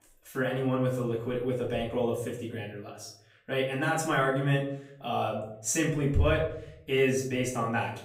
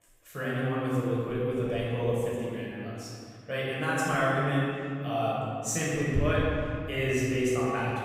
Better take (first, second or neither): first